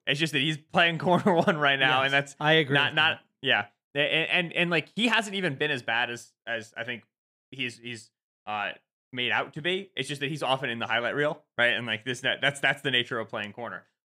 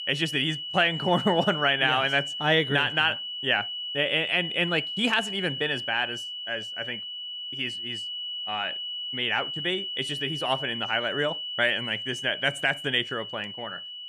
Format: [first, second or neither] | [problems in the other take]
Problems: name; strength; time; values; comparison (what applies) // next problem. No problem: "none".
first | high-pitched whine; loud; throughout; 3 kHz, 5 dB below the speech